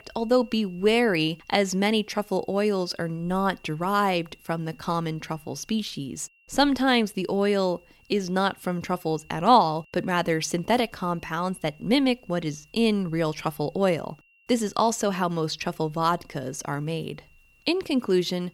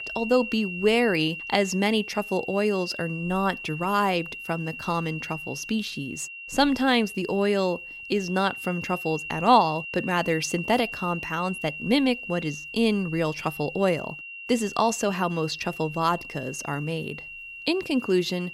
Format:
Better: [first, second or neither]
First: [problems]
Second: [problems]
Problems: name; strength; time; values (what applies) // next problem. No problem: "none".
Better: first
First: high-pitched whine; faint; throughout; 2.5 kHz, 30 dB below the speech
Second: high-pitched whine; loud; throughout; 2.5 kHz, 10 dB below the speech